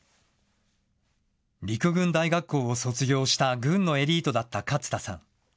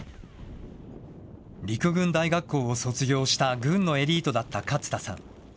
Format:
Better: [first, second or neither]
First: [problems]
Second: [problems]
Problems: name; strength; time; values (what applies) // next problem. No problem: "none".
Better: first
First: none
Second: background sound (Boom); 17 dB below the speech